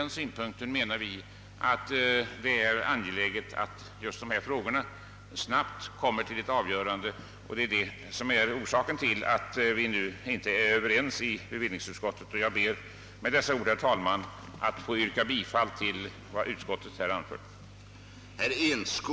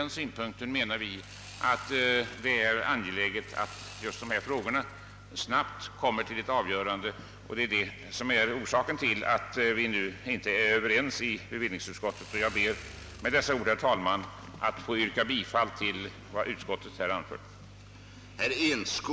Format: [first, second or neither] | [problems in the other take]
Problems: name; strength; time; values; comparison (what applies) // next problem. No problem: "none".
first | background sound (Sawing + Musical instrument); 19 dB below the speech